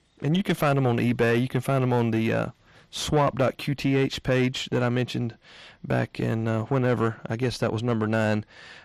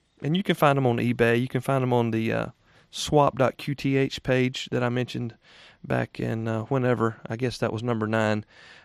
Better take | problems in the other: second | distortion; slight; 10 dB below the speech

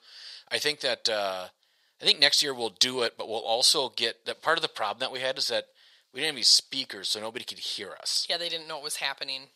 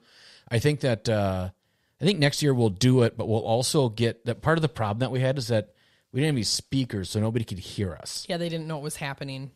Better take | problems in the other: second | thin; very; fading below 700 Hz

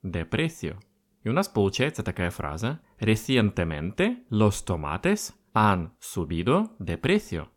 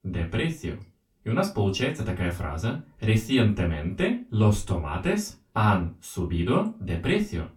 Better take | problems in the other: first | off-mic speech; far // room echo; very slight; dies away in 0.2 s

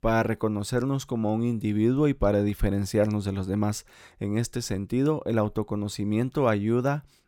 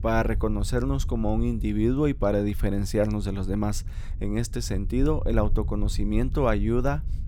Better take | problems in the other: first | low rumble; faint; throughout; 20 dB below the speech

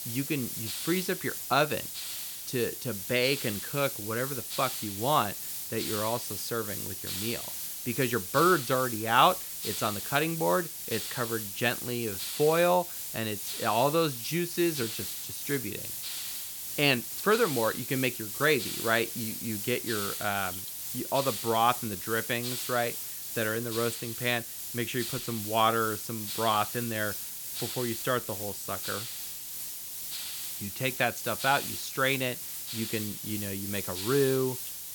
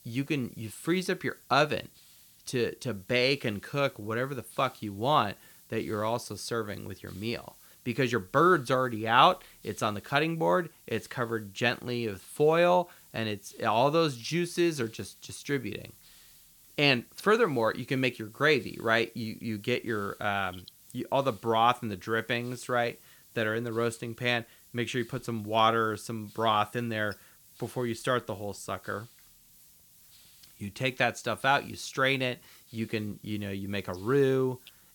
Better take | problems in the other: second | hiss; loud; throughout; 4 dB below the speech; faint in the second

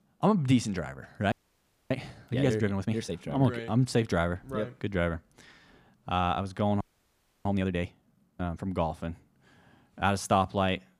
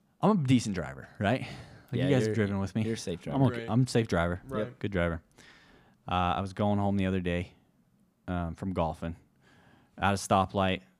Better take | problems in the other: second | audio freezing; at 1.5 s for 0.5 s and at 7 s for 0.5 s

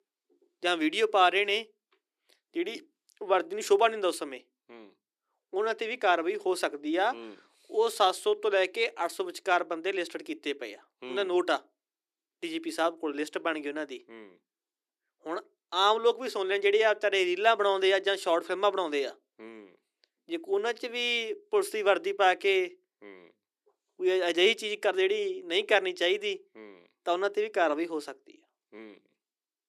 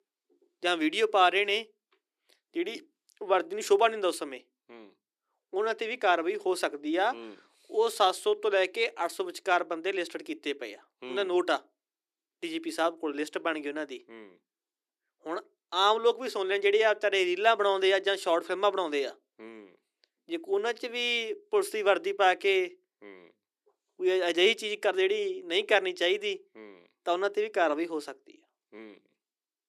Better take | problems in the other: neither | thin; very; fading below 300 Hz; the same in both

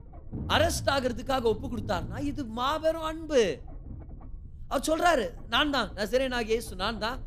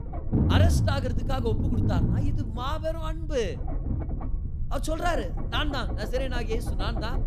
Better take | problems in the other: first | low rumble; loud; throughout; 7 dB below the speech; faint in the first

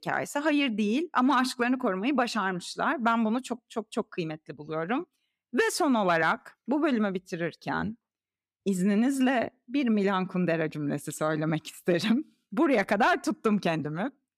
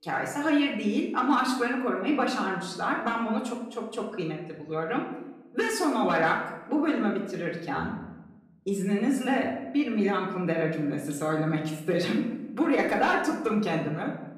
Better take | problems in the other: first | off-mic speech; far // room echo; noticeable; dies away in 0.8 s

